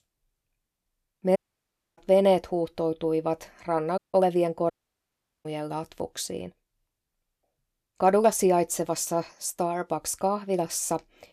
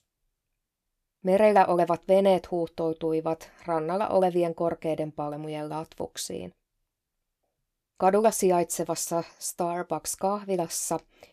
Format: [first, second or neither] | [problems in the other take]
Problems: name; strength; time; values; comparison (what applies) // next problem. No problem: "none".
second | audio cutting out; at 1.5 s for 0.5 s, at 4 s and at 4.5 s for 1 s